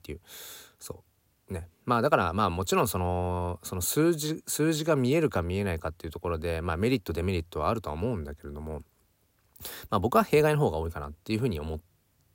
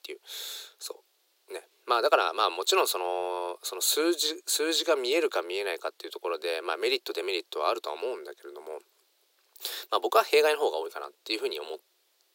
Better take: first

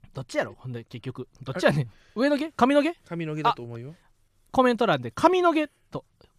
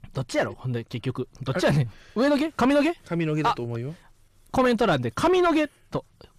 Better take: first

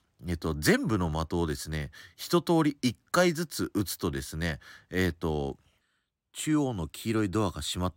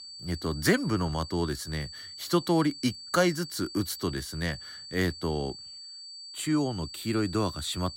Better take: first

